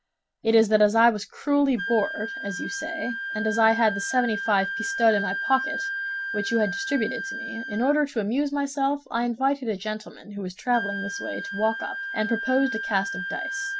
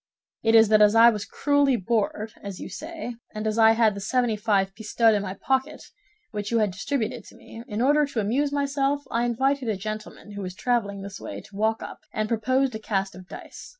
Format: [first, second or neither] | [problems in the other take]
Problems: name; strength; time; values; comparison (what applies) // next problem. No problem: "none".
second | background sound (Wind instrument, woodwind instrument); 7 dB below the speech